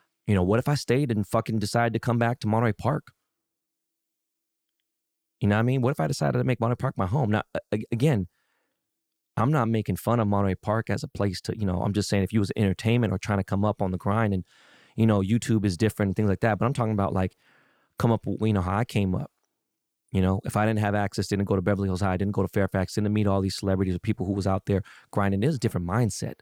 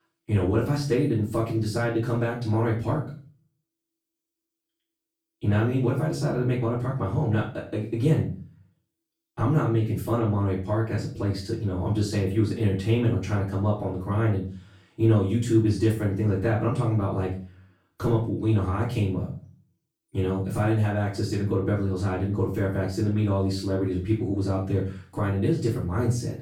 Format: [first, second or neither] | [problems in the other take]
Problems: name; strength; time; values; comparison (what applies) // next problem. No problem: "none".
first | off-mic speech; far // room echo; noticeable; dies away in 0.4 s